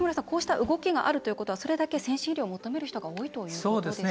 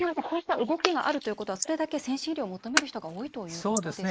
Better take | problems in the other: first | noise reduction (neural mask model Resemble Enhance denoiser)

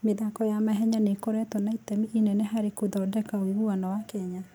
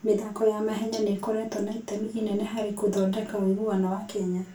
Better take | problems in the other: first | room echo; dies away in 0.2 s

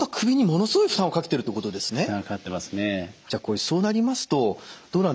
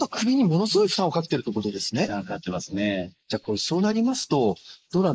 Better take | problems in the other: first | noise reduction (neural mask model Resemble Enhance denoiser)

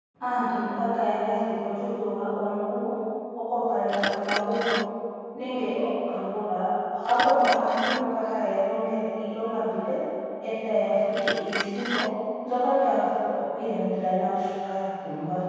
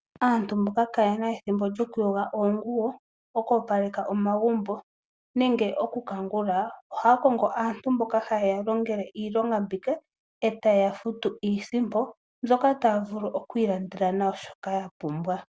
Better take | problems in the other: second | background sound (Glass); 8 dB below the speech // room echo; dies away in 2.2 s

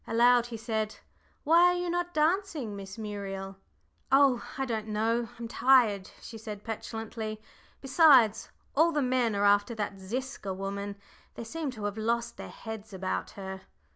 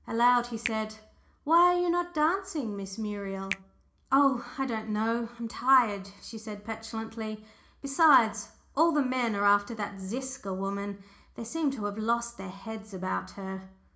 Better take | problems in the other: first | background sound (Finger snapping); 17 dB below the speech // room echo; dies away in 0.4 s

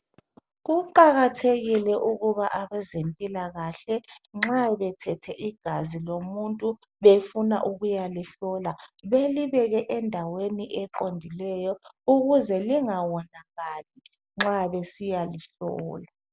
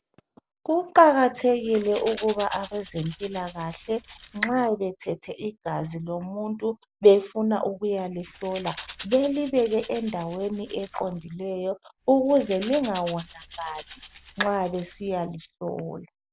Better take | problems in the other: first | background sound (Rattle / Rattle (instrument)); 19 dB below the speech

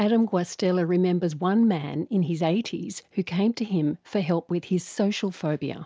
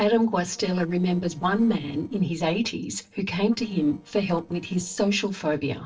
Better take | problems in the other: first | noise reduction (neural separator model SepFormer DNS4)

